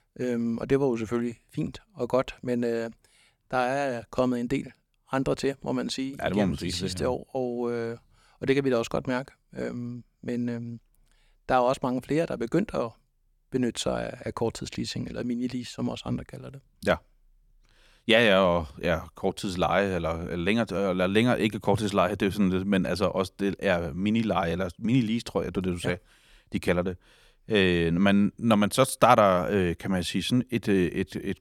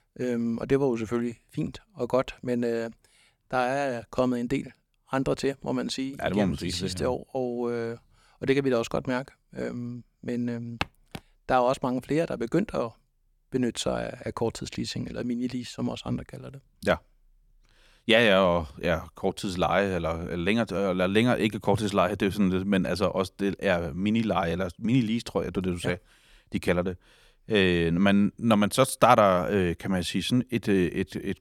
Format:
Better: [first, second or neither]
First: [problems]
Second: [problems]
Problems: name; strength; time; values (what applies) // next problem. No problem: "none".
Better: first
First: none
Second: footsteps; noticeable; at 11 s; peak 8 dB below the speech